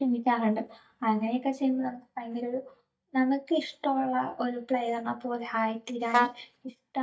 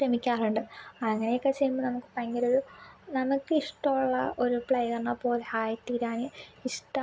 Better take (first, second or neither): second